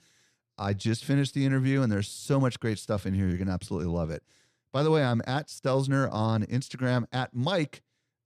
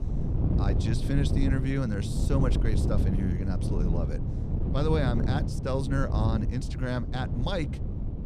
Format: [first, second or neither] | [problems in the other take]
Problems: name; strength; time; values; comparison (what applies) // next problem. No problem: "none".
first | wind noise on the microphone; heavy; 5 dB below the speech